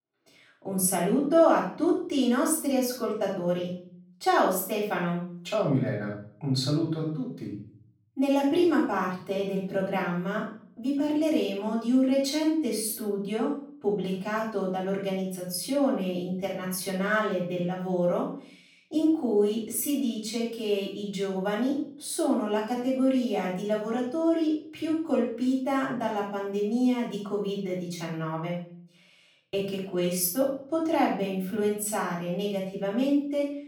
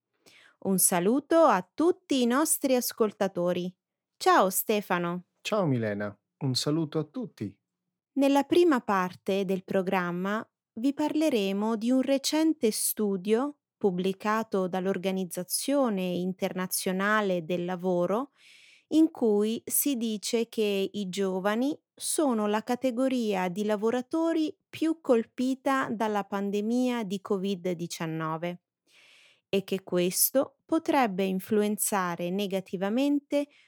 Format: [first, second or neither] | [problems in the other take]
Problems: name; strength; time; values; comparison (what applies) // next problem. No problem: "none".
second | off-mic speech; far // room echo; noticeable; dies away in 0.5 s